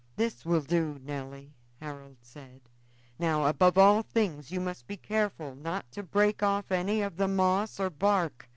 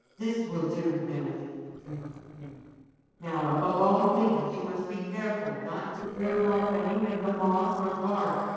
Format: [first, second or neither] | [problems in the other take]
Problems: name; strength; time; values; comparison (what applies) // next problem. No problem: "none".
first | noise reduction (neural separator model SepFormer DNS4)